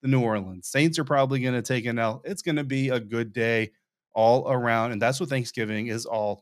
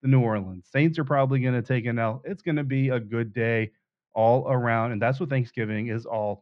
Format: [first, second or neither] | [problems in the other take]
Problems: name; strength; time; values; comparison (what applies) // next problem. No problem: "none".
first | muffled; very; fading above 2.5 kHz